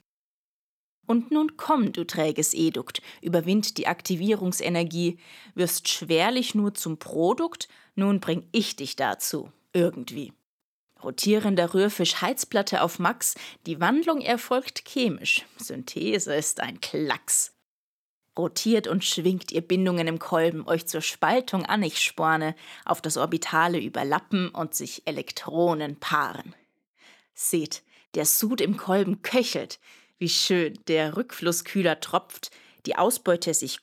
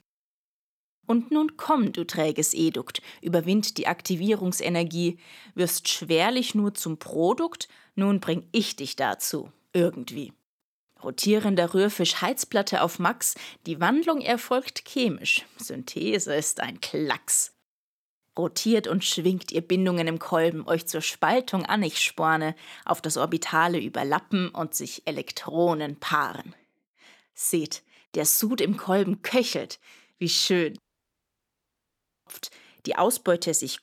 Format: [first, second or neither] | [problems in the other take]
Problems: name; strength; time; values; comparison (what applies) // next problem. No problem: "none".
first | audio cutting out; at 31 s for 1.5 s